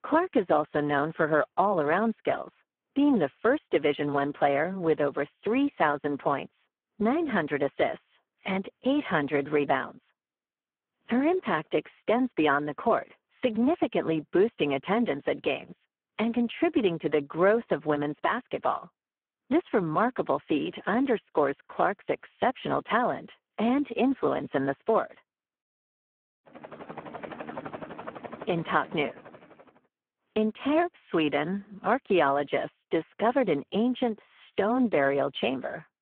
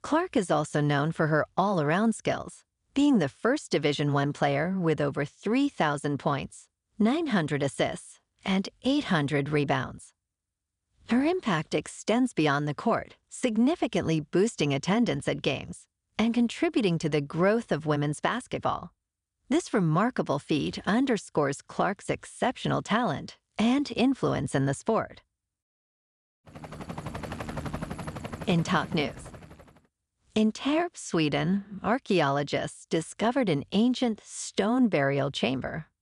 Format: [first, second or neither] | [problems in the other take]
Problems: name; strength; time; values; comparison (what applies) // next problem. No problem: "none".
second | phone-call audio; poor line